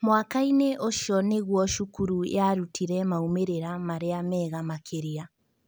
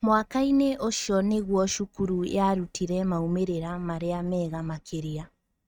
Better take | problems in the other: first | noise reduction (neural mask model RNNoise)

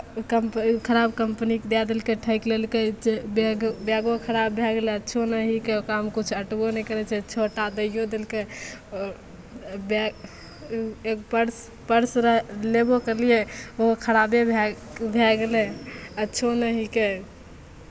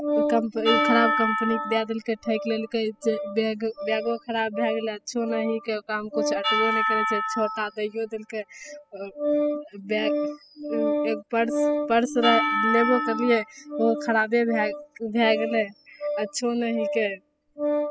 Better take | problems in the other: first | noise reduction (classical method spectral subtraction)

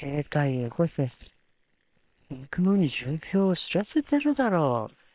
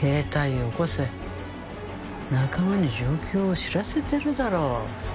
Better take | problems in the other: second | noise reduction (neural separator model SepFormer WHAM!)

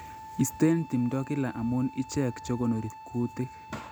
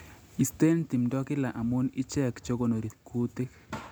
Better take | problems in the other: second | background sound (Wind instrument, woodwind instrument); 16 dB below the speech

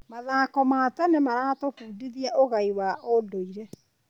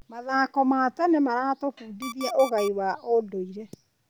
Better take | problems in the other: first | background sound (Alarm); 15 dB below the speech

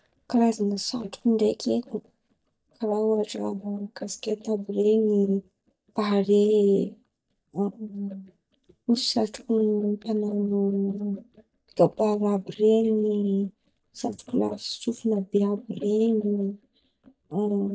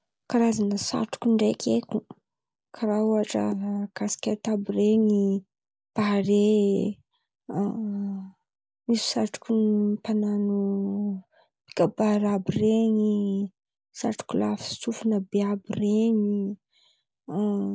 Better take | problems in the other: second | noise reduction (neural mask model DeepFilterNet 3)

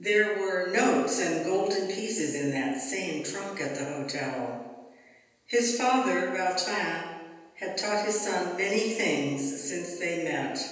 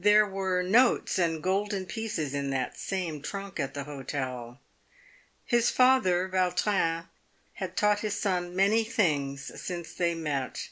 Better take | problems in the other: second | room echo; dies away in 1.1 s

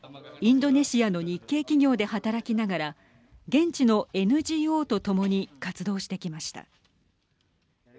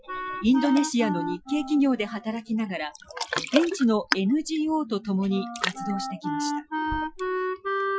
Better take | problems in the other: first | noise reduction (classical method Wiener filter)

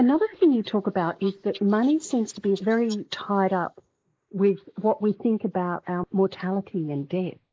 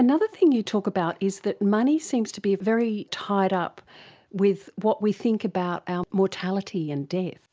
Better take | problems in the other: second | noise reduction (neural mask model Resemble Enhance denoiser)

